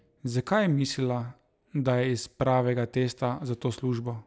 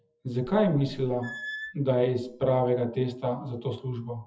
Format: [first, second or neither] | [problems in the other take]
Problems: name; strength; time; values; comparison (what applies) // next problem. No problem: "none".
first | noise reduction (classical method WPE with log-MMSE)